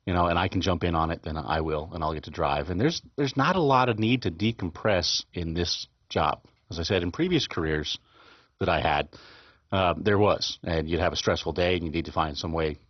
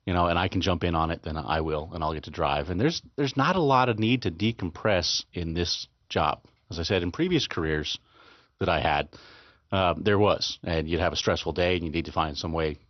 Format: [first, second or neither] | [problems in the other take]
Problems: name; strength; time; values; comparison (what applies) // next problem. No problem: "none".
second | garbled, watery; badly; nothing above 6 kHz; slightly in the second